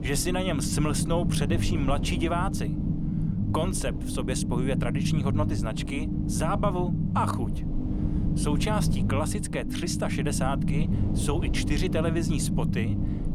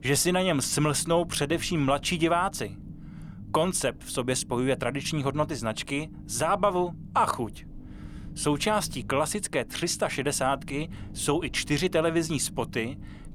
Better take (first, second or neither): second